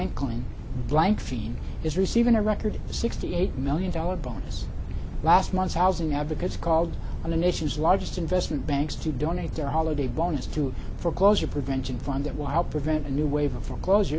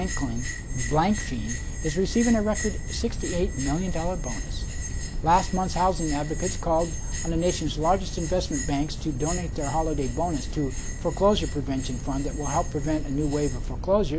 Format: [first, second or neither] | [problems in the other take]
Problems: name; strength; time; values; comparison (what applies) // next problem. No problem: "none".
first | background sound (Bell); 14 dB below the speech